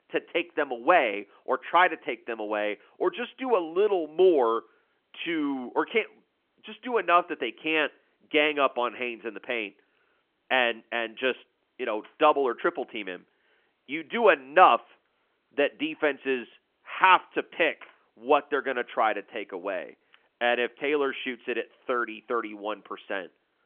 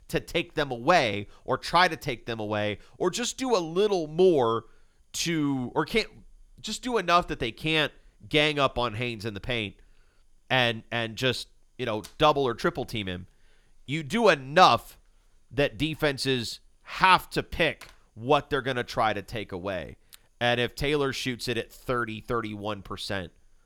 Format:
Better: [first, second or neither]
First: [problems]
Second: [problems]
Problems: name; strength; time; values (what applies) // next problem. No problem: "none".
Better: second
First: phone-call audio; nothing above 3 kHz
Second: none